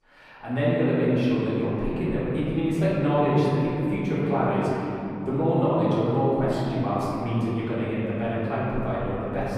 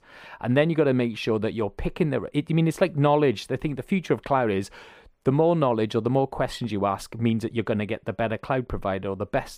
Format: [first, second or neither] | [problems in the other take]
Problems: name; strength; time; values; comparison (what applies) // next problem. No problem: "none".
second | room echo; strong; dies away in 3 s // off-mic speech; far